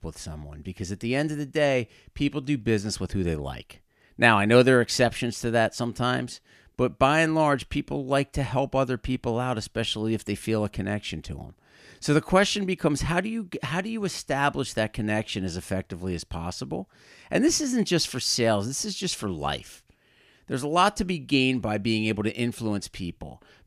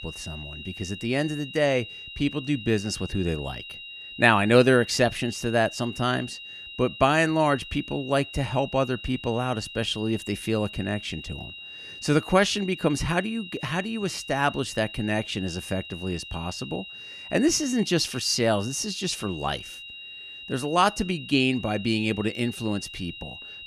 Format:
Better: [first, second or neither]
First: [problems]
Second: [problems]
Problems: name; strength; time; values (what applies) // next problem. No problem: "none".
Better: first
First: none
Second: high-pitched whine; noticeable; throughout; 3 kHz, 15 dB below the speech